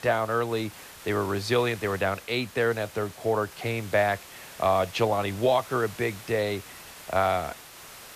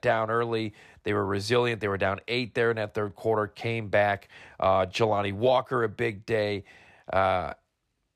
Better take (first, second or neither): second